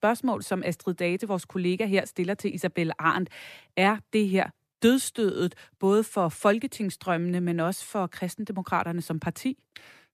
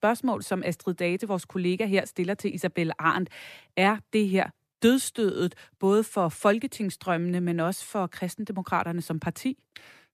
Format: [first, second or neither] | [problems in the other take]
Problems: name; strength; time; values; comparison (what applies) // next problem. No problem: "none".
neither | none